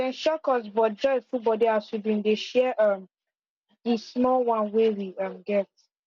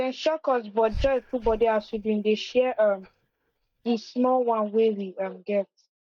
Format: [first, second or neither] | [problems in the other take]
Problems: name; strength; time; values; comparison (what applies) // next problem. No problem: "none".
first | noise reduction (neural mask model DeepFilterNet 3)